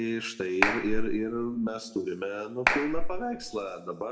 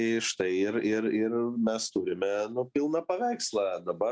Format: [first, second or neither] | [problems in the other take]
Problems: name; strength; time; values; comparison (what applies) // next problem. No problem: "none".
second | background sound (Clapping); 4 dB above the speech // room echo; dies away in 1.3 s